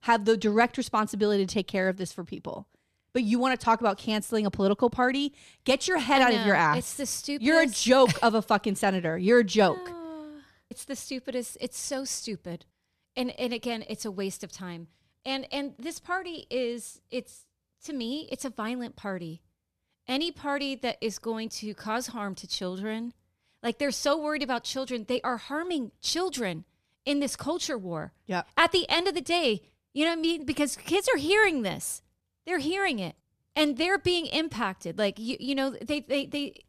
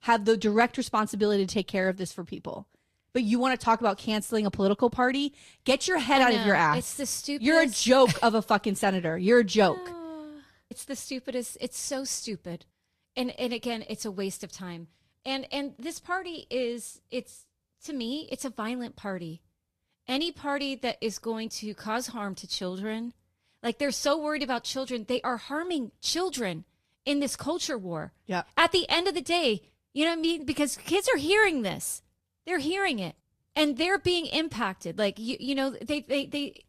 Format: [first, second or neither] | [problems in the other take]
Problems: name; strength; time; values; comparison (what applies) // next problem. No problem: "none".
first | garbled, watery; slightly; nothing above 14 kHz